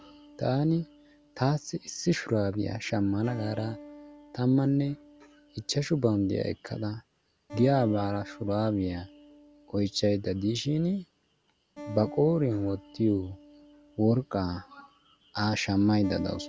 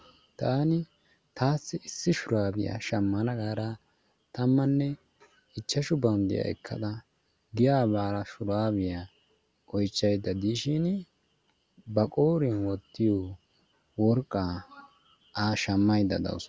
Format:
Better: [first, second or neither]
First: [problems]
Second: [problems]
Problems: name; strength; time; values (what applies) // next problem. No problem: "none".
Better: second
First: background sound (Acoustic guitar); 19 dB below the speech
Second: none